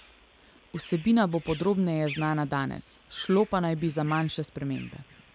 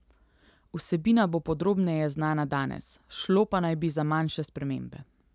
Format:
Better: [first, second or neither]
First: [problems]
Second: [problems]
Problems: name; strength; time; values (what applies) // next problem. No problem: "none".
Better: second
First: background sound (Bird vocalization, bird call, bird song); 20 dB below the speech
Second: none